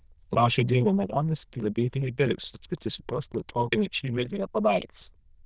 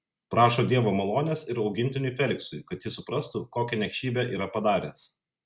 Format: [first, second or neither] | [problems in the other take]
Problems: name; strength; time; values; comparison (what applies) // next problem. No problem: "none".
second | noise reduction (neural diffusion model UNIVERSE++)